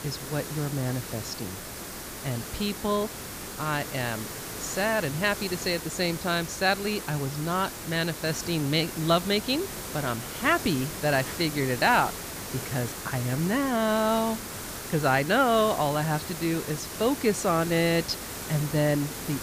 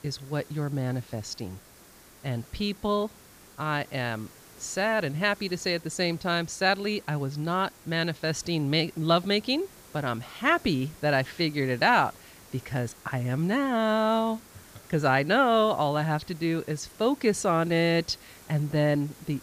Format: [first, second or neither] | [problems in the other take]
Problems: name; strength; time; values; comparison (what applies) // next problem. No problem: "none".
second | hiss; loud; throughout; 8 dB below the speech; faint in the second